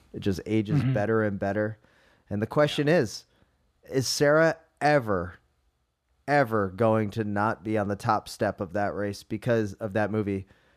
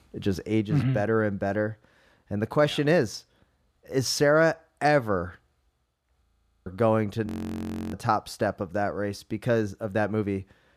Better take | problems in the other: first | audio freezing; at 6 s and at 7.5 s for 0.5 s

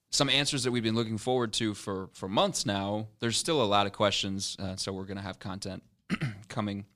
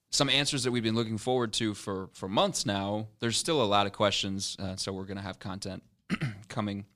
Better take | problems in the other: neither | none

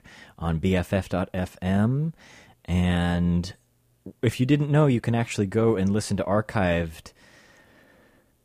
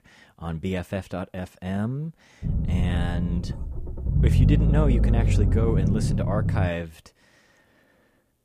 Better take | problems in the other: first | low rumble; loud; from 2.5 to 6.5 s; 3 dB below the speech

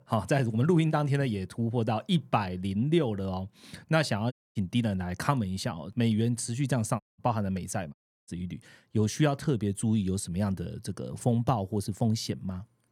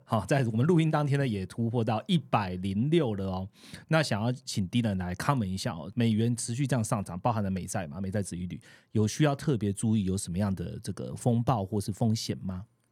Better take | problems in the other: second | audio cutting out; at 4.5 s, at 7 s and at 8 s

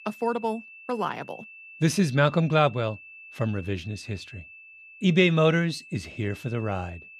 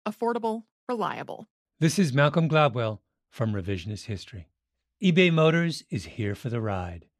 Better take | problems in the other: second | high-pitched whine; noticeable; throughout; 2.5 kHz, 20 dB below the speech

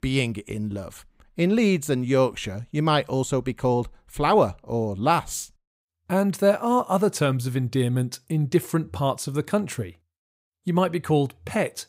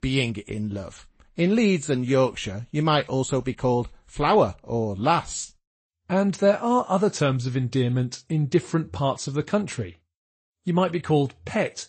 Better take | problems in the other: first | garbled, watery; slightly; nothing above 8 kHz

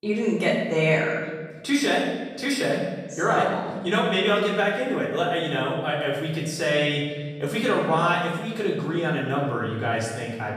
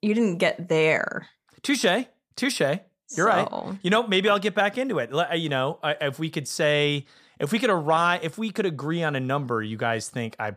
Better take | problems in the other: second | off-mic speech; far // room echo; noticeable; dies away in 1.3 s

